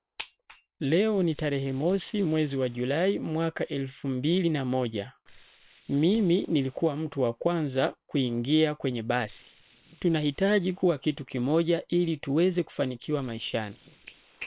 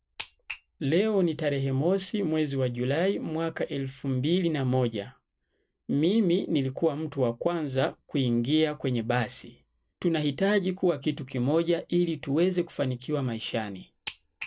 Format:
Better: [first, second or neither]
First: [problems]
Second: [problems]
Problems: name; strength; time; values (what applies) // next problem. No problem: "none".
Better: second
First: noise reduction (neural separator model SepFormer WHAM!)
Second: none